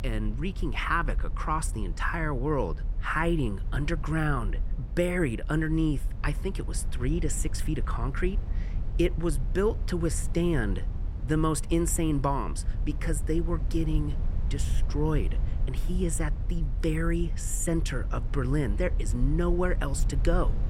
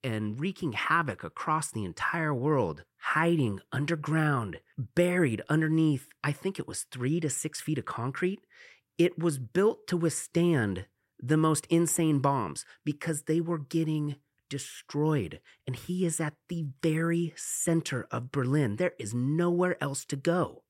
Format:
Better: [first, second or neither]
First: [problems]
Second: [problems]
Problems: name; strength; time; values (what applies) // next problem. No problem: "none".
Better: second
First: low rumble; noticeable; throughout; 15 dB below the speech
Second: none